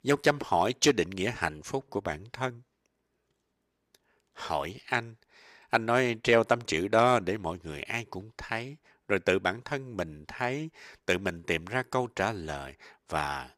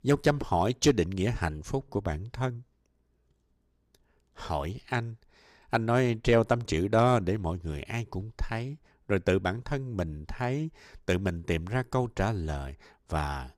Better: second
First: thin; very slightly; fading below 800 Hz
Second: none

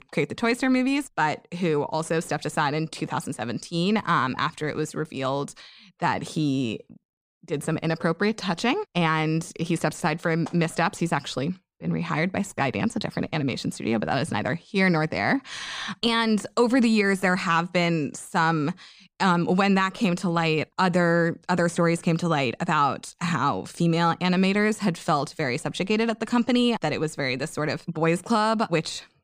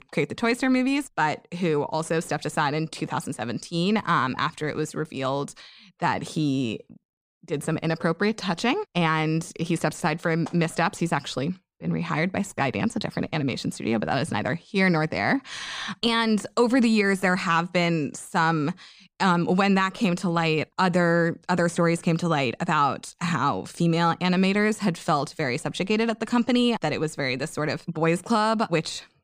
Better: neither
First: none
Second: none

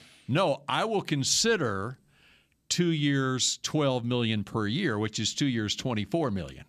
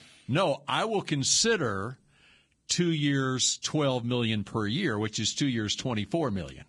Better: first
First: none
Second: garbled, watery; badly; nothing above 10 kHz

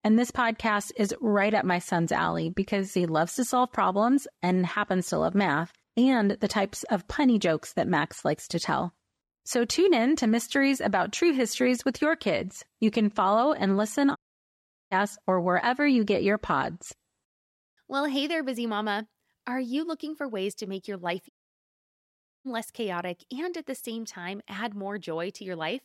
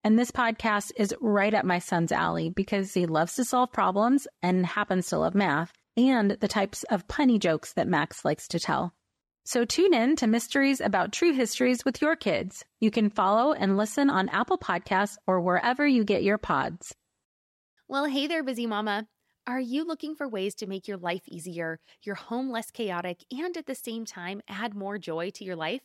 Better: second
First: audio cutting out; at 14 s for 1 s and at 21 s for 1 s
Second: none

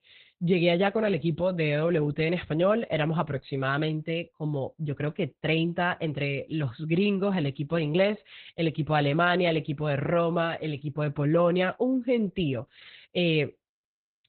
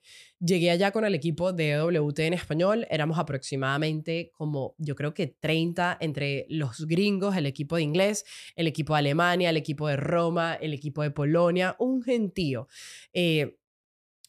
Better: second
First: garbled, watery; badly; nothing above 4 kHz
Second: none

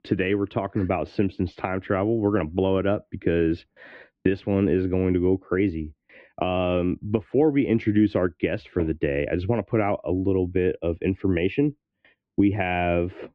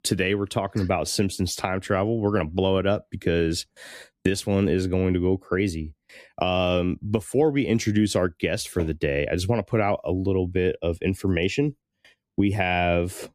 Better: second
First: muffled; very; fading above 2.5 kHz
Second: none

